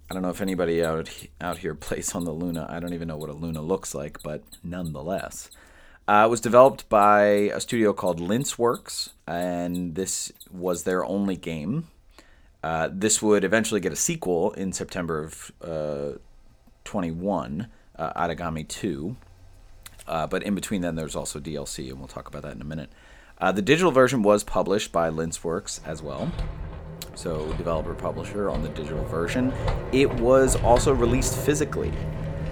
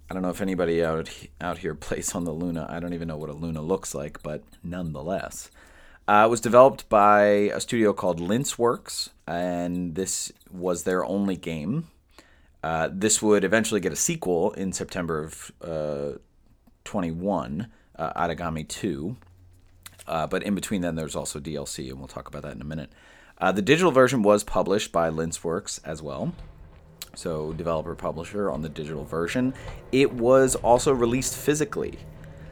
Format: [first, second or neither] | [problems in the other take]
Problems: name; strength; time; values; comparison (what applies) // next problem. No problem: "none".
second | machinery noise; loud; throughout; 10 dB below the speech; faint in the second